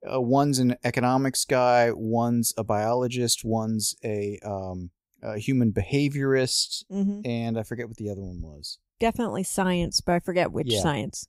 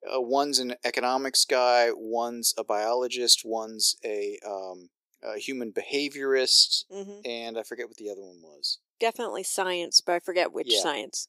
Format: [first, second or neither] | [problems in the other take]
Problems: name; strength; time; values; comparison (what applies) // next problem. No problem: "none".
first | thin; somewhat; fading below 350 Hz